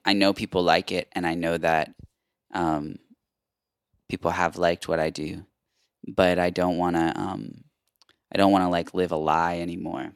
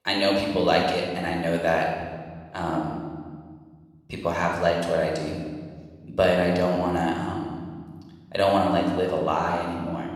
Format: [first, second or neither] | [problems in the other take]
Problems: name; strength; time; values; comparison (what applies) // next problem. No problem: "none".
first | room echo; noticeable; dies away in 1.5 s // off-mic speech; somewhat distant